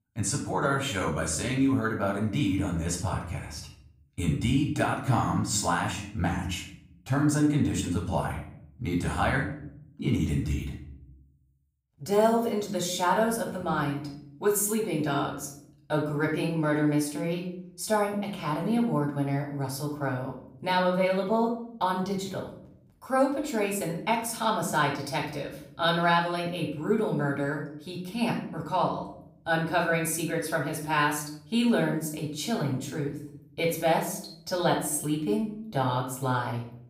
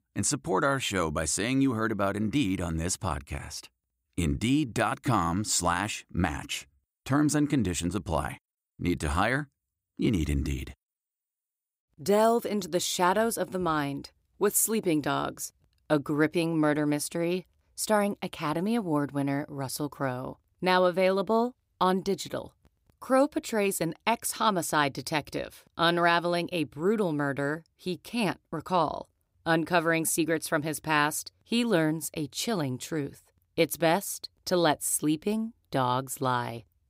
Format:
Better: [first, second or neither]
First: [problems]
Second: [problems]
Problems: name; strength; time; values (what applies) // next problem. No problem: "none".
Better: second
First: off-mic speech; far // room echo; noticeable; dies away in 0.6 s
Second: none